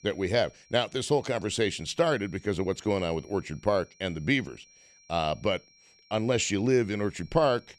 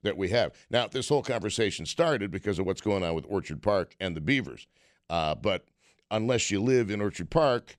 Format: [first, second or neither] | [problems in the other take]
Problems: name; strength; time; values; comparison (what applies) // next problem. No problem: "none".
second | high-pitched whine; faint; throughout; 5.5 kHz, 30 dB below the speech